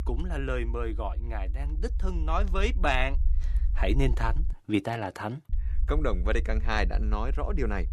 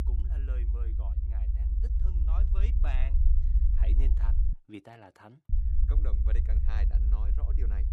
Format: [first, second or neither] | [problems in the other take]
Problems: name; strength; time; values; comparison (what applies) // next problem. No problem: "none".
first | low rumble; loud; until 4.5 s and from 5.5 s on; 1 dB below the speech; faint in the first